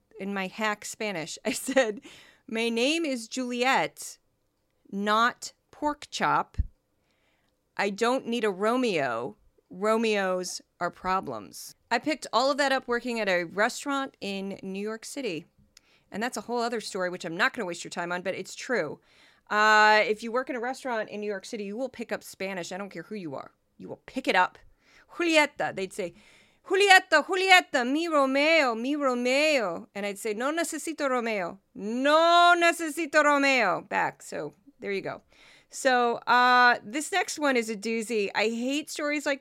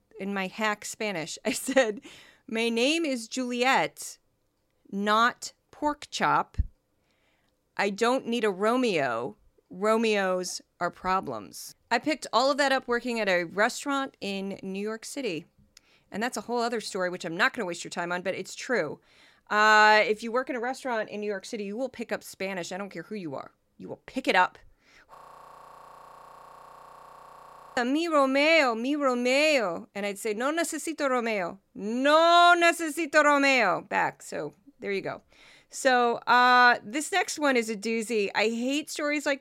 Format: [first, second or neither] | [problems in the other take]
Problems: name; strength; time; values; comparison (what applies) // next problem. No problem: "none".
first | audio freezing; at 25 s for 2.5 s